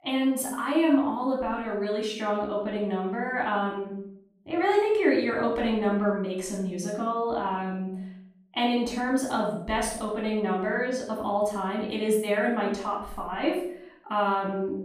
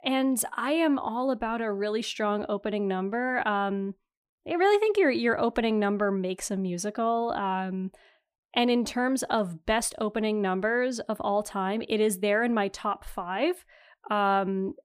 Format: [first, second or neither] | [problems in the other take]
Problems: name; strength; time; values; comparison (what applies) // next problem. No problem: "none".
second | off-mic speech; far // room echo; noticeable; dies away in 0.6 s